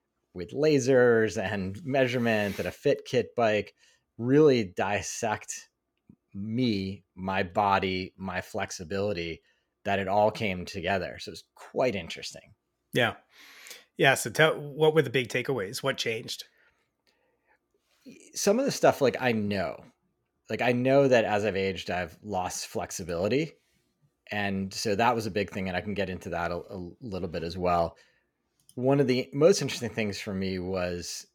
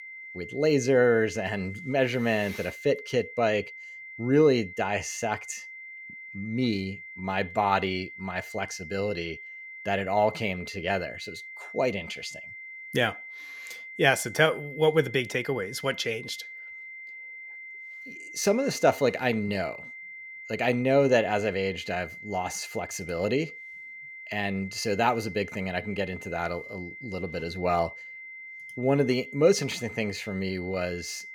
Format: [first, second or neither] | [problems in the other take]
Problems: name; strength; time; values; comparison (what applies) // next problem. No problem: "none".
first | high-pitched whine; noticeable; throughout; 2 kHz, 15 dB below the speech